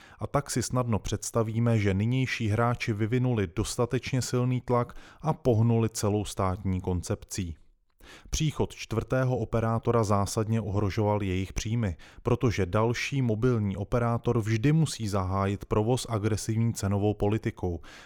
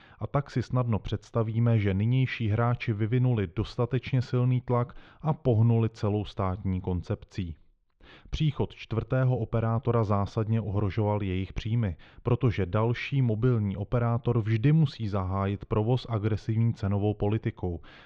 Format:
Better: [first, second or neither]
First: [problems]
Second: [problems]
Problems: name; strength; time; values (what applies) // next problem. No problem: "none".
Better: first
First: none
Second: muffled; slightly; fading above 3.5 kHz